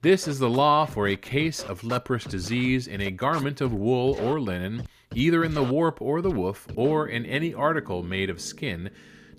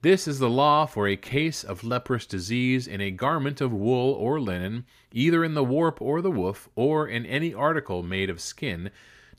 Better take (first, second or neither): second